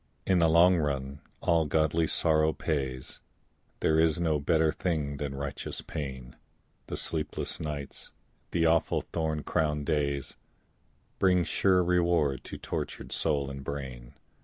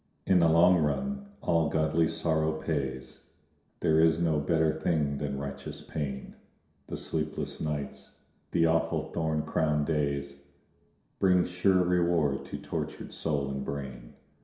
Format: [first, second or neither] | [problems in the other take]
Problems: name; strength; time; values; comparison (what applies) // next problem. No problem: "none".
first | room echo; dies away in 0.7 s